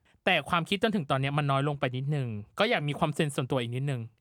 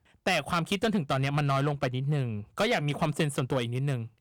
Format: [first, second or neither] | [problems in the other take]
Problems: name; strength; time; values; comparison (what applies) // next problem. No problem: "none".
first | distortion; slight; 5% of the sound clipped